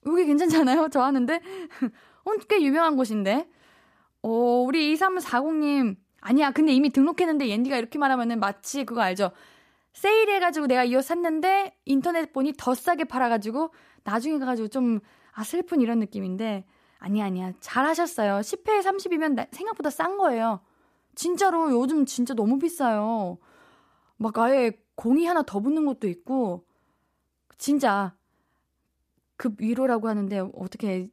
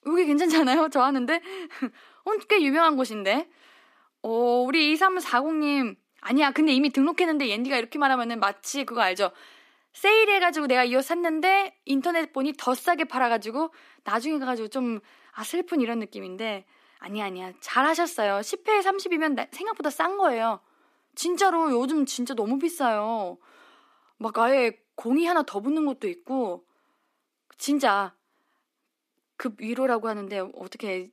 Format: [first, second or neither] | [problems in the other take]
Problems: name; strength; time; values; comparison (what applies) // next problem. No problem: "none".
first | thin; very slightly; fading below 250 Hz